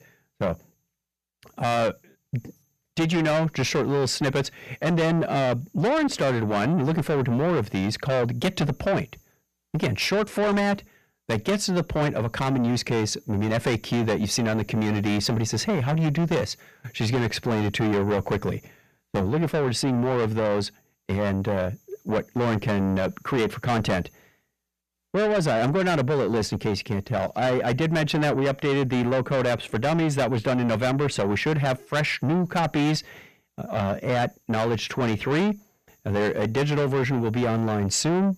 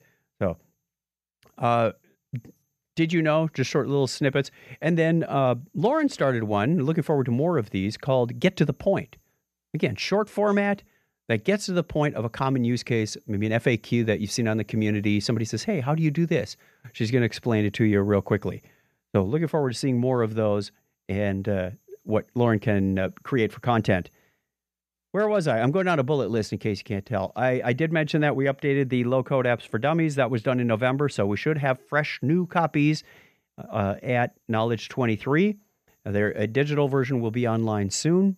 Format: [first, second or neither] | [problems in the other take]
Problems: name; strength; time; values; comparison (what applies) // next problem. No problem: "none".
second | distortion; heavy; 6 dB below the speech